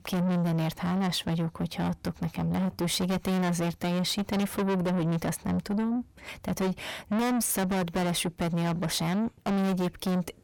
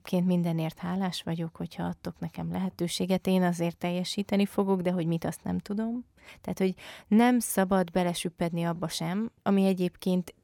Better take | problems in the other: second | distortion; heavy; 5 dB below the speech

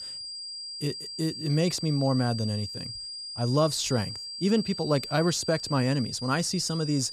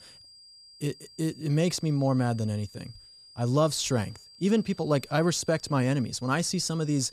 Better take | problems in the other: second | high-pitched whine; loud; throughout; 4.5 kHz, 8 dB below the speech; faint in the second

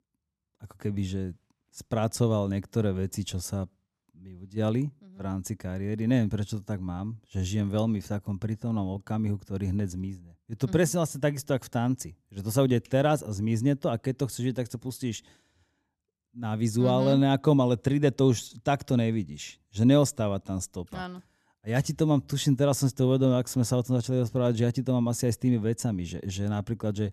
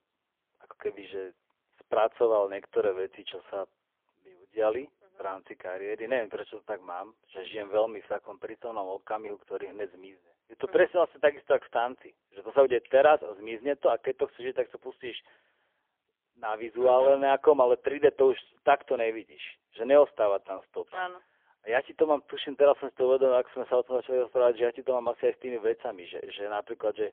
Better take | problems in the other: first | phone-call audio; poor line; nothing above 3.5 kHz

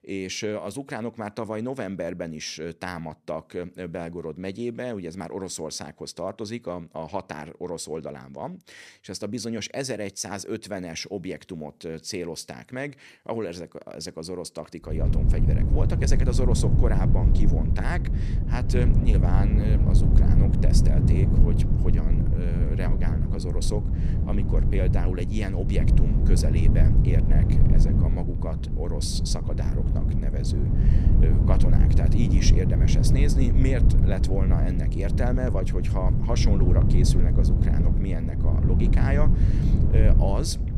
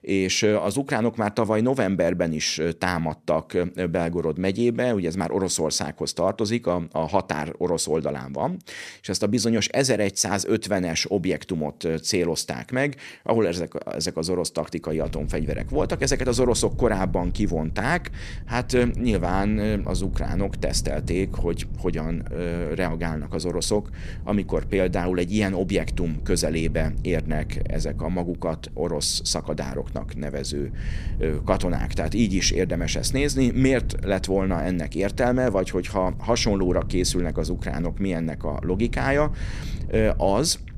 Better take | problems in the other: second | low rumble; loud; from 15 s on; 2 dB below the speech; faint in the second

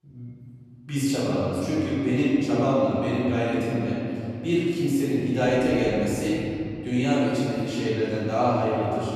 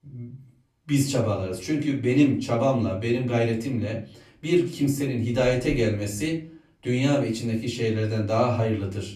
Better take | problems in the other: second | room echo; strong; dies away in 3 s; slight in the second // off-mic speech; far; far in the second

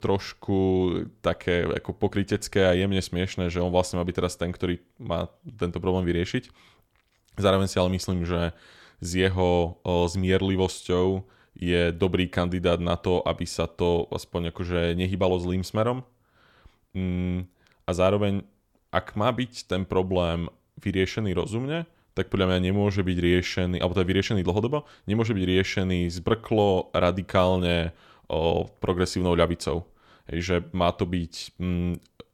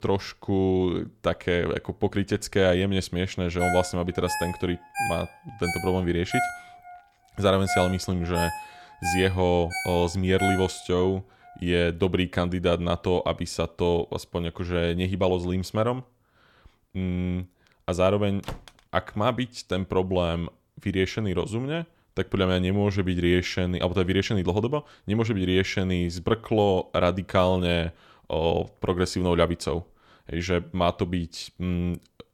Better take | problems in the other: first | phone ringing; noticeable; from 3.5 to 11 s; peak 2 dB below the speech // door banging; faint; at 18 s; peak 15 dB below the speech

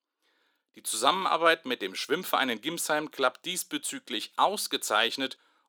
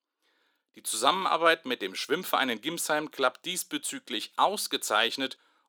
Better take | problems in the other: neither | thin; somewhat; fading below 300 Hz; the same in both

